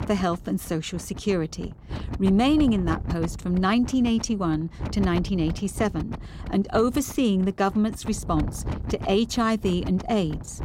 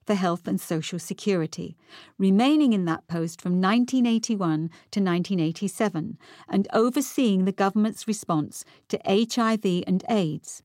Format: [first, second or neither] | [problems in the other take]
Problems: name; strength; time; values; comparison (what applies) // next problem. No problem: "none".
second | wind noise on the microphone; occasional gusts; 15 dB below the speech